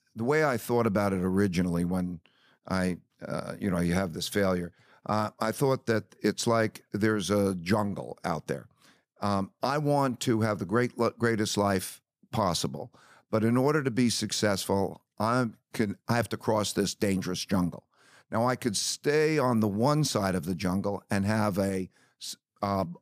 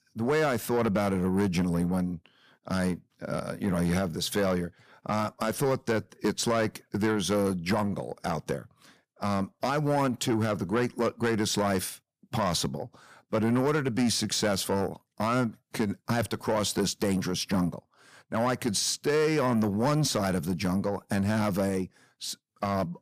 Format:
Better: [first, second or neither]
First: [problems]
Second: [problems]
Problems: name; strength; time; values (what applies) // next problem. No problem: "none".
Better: first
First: none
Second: distortion; slight; 10 dB below the speech